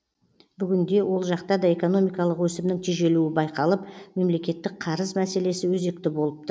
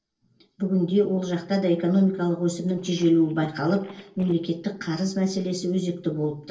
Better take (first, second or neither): first